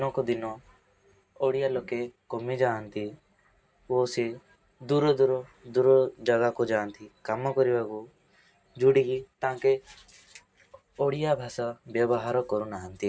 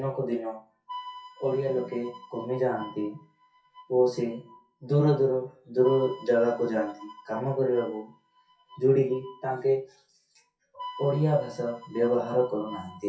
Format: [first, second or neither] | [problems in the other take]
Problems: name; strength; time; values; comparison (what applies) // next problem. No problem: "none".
first | noise reduction (classical method WPE with log-MMSE)